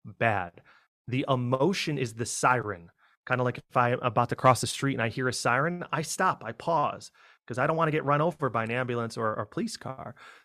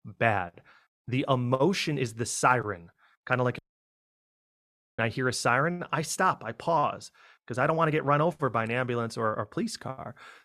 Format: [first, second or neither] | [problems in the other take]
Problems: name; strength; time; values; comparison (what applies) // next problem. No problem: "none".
first | audio cutting out; at 3.5 s for 1.5 s